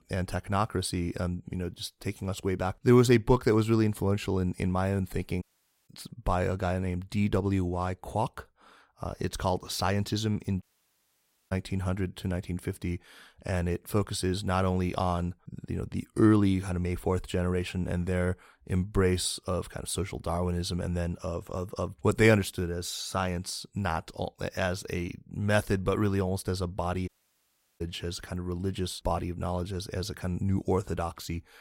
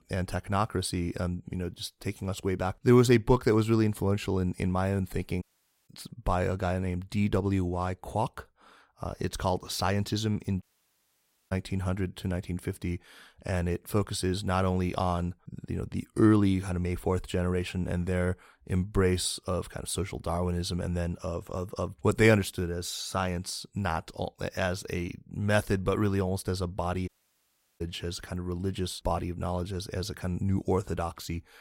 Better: neither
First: audio cutting out; at 5.5 s, at 11 s for 1 s and at 27 s for 0.5 s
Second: audio cutting out; at 5.5 s, at 11 s for 1 s and at 27 s for 0.5 s

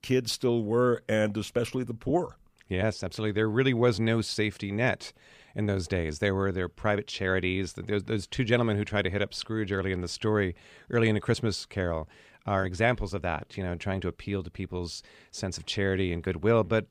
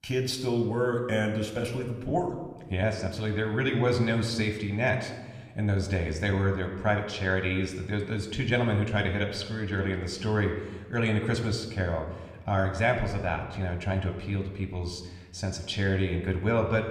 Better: first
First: none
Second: room echo; slight; dies away in 1 s

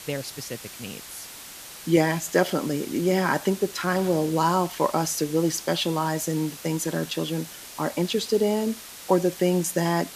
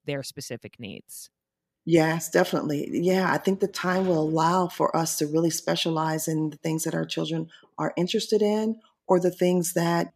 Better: second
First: hiss; noticeable; throughout; 15 dB below the speech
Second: none

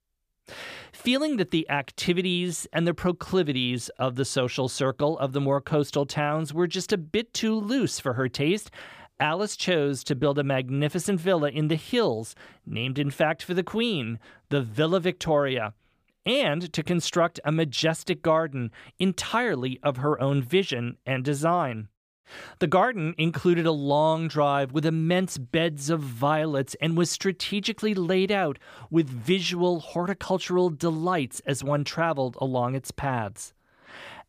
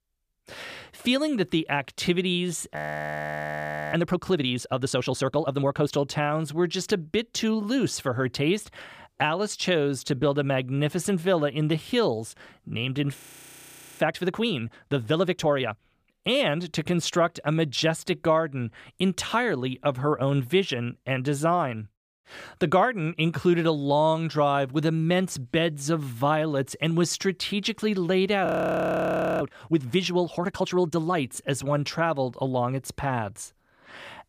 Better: first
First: none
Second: audio freezing; at 3 s for 1 s, at 13 s for 1 s and at 28 s for 1 s

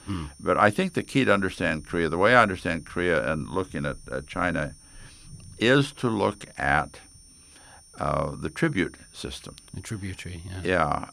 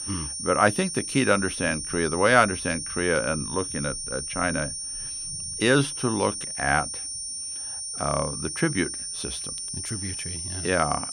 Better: first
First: high-pitched whine; faint; throughout; 9 kHz, 25 dB below the speech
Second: high-pitched whine; loud; throughout; 9 kHz, 5 dB below the speech

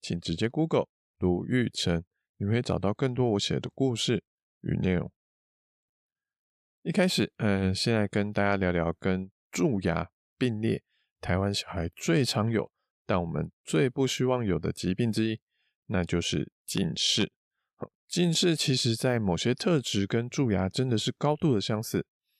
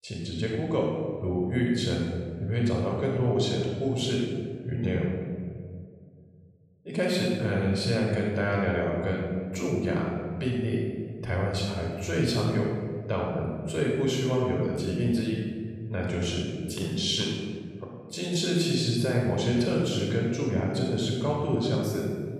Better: first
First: none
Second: off-mic speech; far // room echo; strong; dies away in 1.7 s

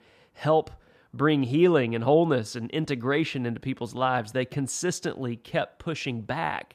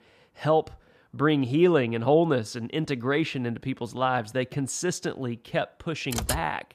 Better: first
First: none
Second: keyboard typing; noticeable; at 6 s; peak 4 dB below the speech

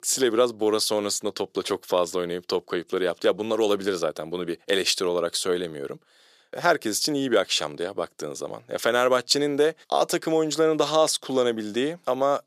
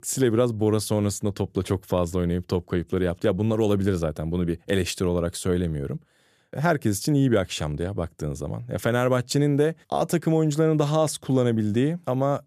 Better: second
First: thin; somewhat; fading below 450 Hz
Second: none

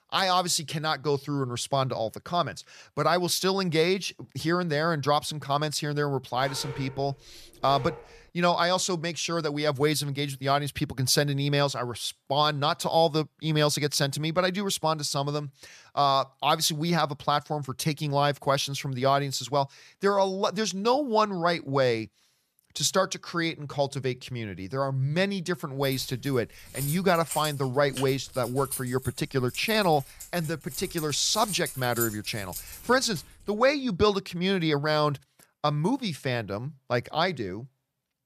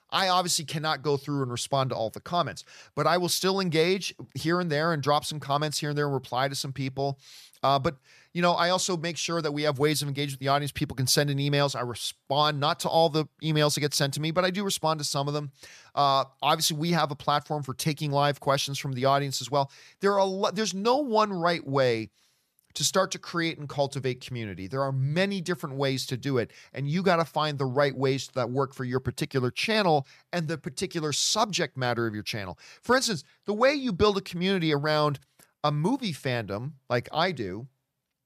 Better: second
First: dog barking; faint; from 6.5 to 8.5 s; peak 15 dB below the speech // jangling keys; noticeable; from 26 to 33 s; peak 5 dB below the speech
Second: none

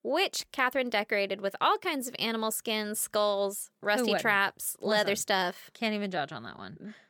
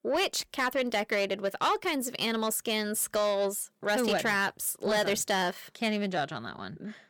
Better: first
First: none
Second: distortion; slight; 10 dB below the speech

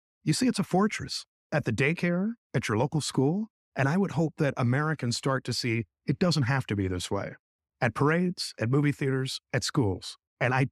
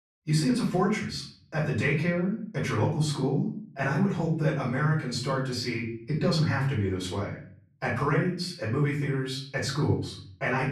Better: first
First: none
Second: off-mic speech; far // room echo; slight; dies away in 0.5 s

